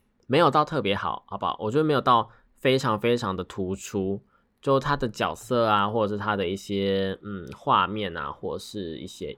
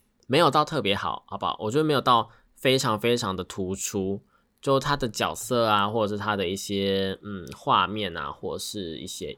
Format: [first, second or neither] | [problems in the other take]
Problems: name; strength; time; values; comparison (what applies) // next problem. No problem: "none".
second | muffled; slightly; fading above 3.5 kHz